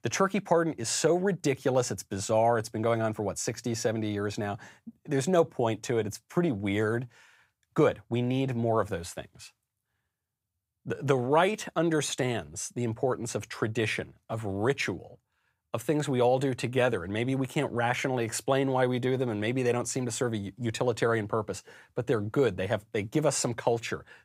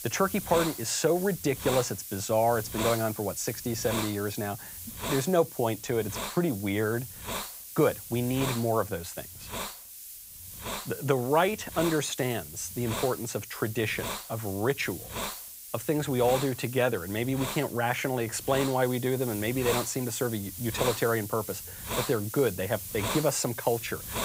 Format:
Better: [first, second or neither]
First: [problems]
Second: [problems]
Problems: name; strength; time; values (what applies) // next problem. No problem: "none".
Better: first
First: none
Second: hiss; loud; throughout; 7 dB below the speech